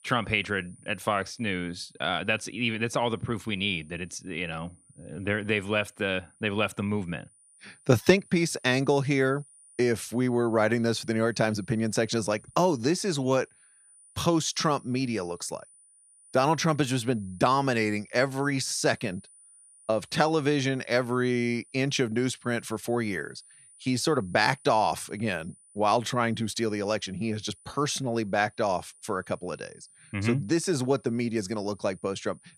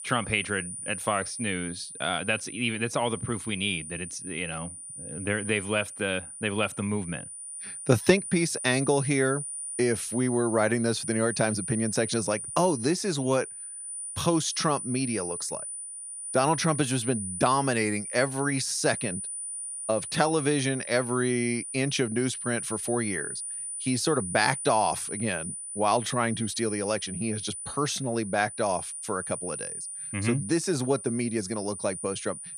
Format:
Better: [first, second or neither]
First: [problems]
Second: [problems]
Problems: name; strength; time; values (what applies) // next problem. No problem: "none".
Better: first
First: high-pitched whine; faint; throughout; 9.5 kHz, 25 dB below the speech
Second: high-pitched whine; loud; throughout; 9.5 kHz, 7 dB below the speech